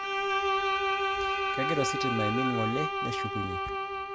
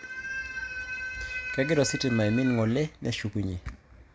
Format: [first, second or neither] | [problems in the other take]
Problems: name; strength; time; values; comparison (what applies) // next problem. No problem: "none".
second | background sound (Bowed string instrument); 4 dB above the speech